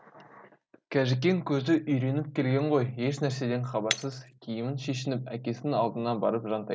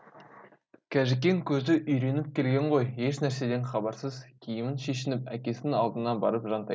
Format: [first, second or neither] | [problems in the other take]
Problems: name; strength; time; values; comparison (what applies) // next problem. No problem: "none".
second | background sound (Shatter); 13 dB below the speech